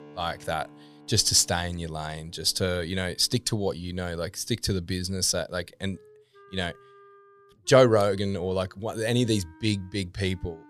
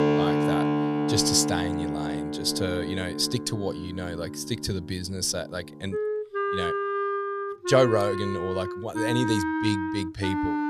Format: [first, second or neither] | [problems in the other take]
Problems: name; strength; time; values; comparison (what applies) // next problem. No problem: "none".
first | background music; loud; throughout; 1 dB below the speech; faint in the first